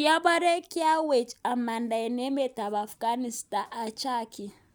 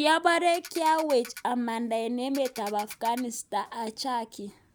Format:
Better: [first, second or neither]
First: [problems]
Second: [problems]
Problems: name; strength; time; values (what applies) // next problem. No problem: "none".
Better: first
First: none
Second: background sound (Ratchet, pawl); 17 dB below the speech